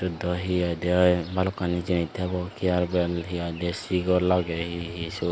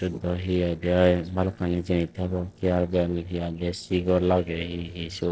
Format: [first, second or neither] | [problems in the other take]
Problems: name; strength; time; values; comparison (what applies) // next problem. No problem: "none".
first | noise reduction (neural separator model SepFormer DNS4)